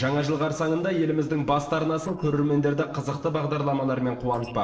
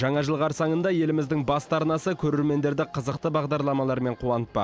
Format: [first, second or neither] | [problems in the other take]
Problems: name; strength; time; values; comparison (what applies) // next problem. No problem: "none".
second | noise reduction (neural separator model SepFormer DNS4)